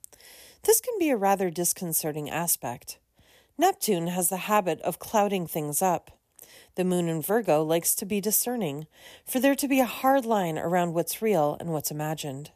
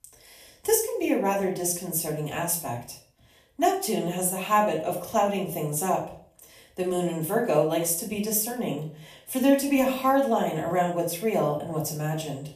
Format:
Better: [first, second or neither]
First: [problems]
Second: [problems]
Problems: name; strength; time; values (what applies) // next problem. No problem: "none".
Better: first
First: none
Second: off-mic speech; far // room echo; slight; dies away in 0.4 s